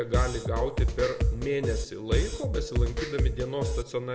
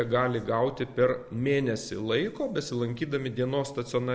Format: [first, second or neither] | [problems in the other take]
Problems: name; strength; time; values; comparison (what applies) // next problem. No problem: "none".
second | background sound (Drum kit); 4 dB above the speech // room echo; dies away in 0.6 s